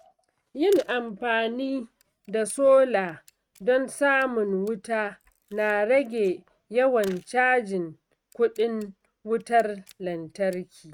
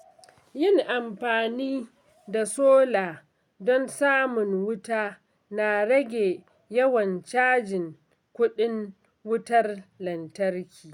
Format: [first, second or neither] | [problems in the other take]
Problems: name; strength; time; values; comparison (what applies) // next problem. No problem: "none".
second | noise reduction (neural mask model RNNoise)